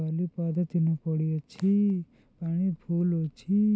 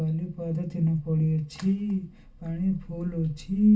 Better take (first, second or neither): first